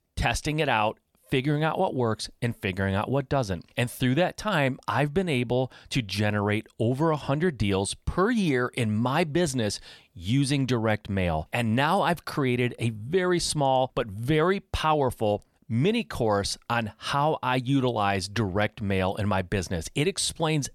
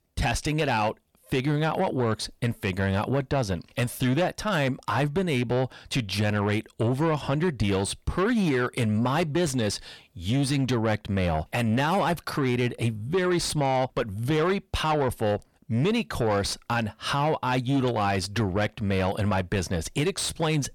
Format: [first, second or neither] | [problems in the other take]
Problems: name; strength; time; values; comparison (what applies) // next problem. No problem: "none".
first | distortion; slight; 10 dB below the speech